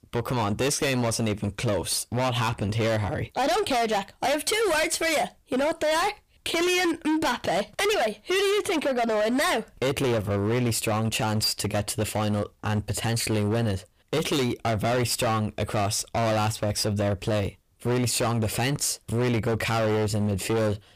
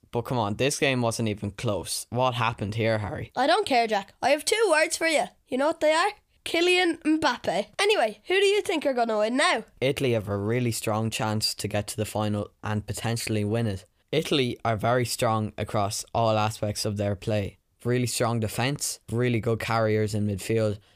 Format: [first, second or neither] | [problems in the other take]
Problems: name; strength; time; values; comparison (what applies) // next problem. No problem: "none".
second | distortion; heavy; 24% of the sound clipped